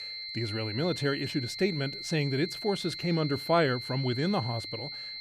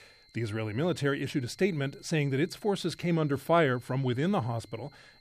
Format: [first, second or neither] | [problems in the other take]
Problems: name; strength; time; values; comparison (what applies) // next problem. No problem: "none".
second | high-pitched whine; loud; throughout; 4 kHz, 7 dB below the speech; faint in the second